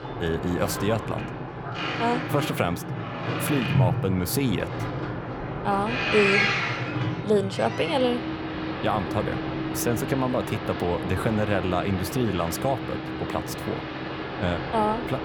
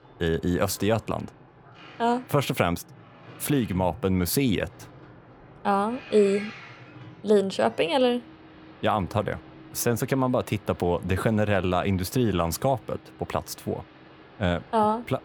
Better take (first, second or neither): second